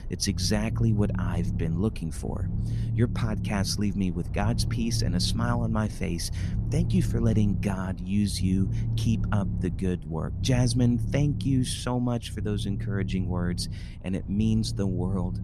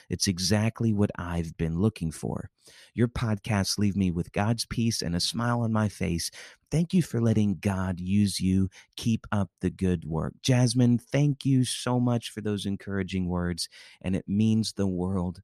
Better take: second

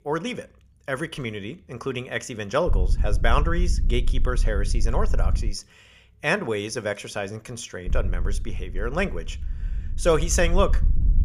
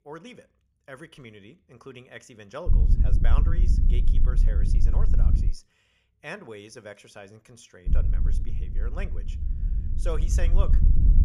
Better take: first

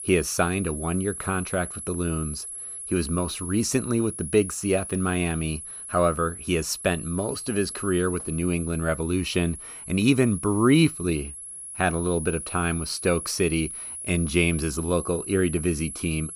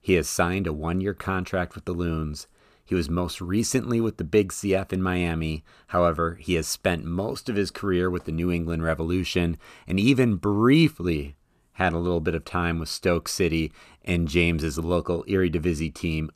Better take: second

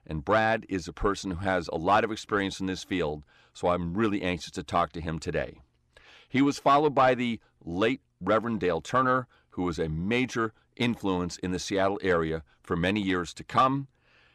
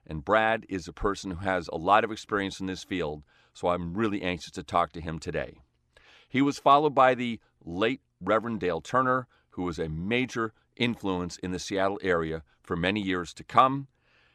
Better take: second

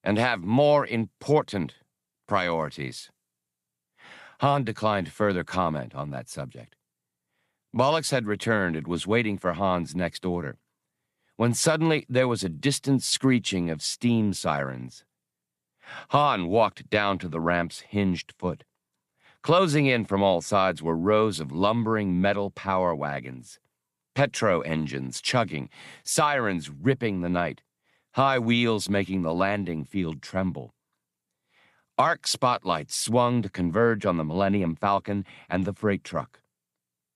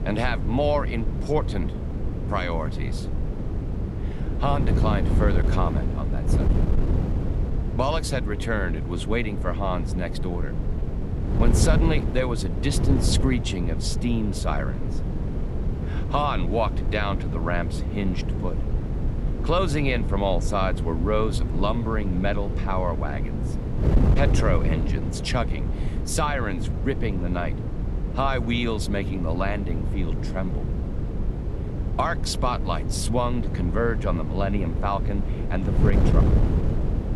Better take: first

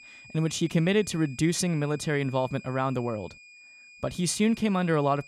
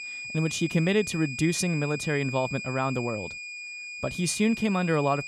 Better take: first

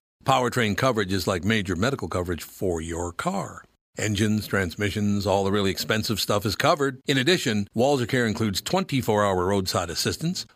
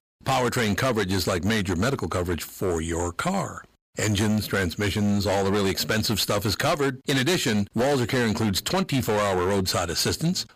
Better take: first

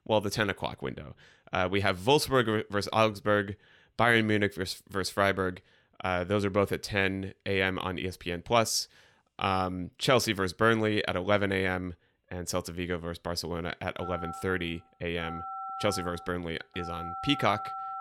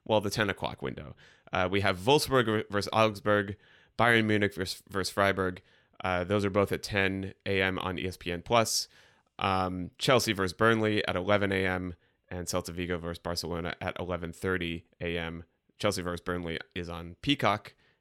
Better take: second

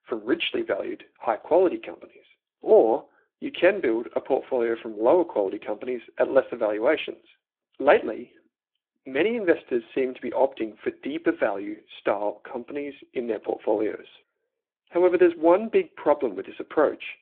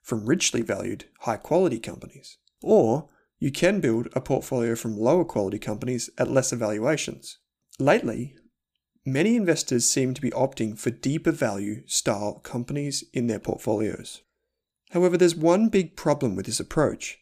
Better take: second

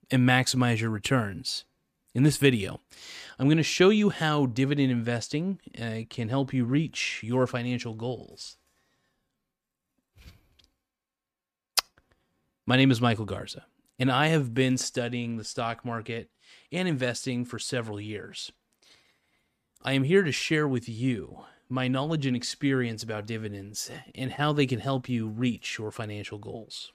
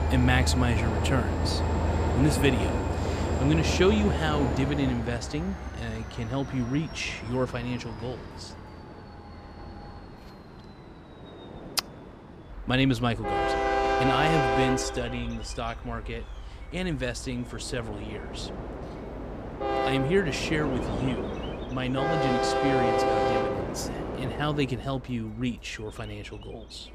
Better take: first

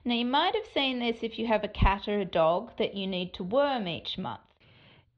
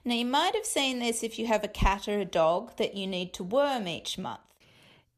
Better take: second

